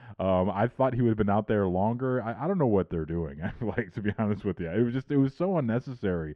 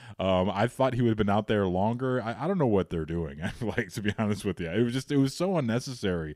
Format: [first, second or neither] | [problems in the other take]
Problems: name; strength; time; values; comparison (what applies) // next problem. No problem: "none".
second | muffled; very; fading above 1.5 kHz